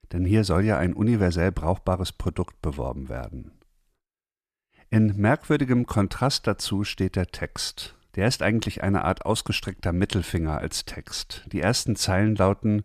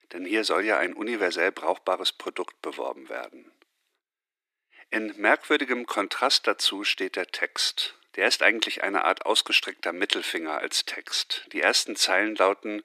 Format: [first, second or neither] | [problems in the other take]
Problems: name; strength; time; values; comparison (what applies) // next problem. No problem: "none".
first | thin; very; fading below 300 Hz